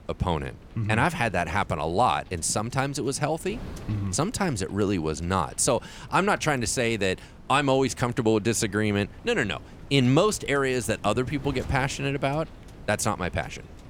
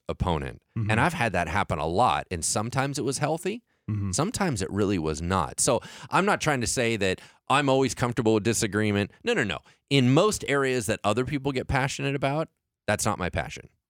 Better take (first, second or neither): second